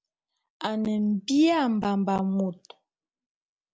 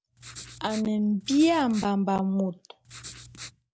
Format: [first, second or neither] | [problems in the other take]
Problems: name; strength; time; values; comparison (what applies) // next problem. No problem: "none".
first | background sound (Writing); 18 dB below the speech